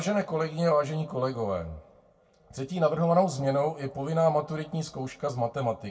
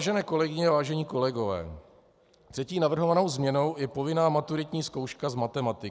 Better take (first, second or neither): second